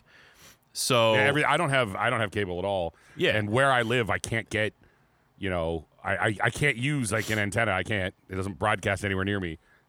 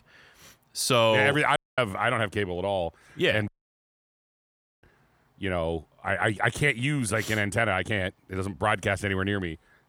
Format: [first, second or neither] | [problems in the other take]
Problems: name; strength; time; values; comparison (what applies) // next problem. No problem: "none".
first | audio cutting out; at 1.5 s and at 3.5 s for 1.5 s